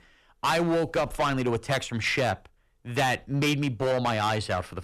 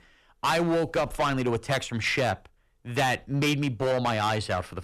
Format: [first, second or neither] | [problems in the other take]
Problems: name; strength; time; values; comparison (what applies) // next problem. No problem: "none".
neither | distortion; heavy; 10% of the sound clipped; the same in both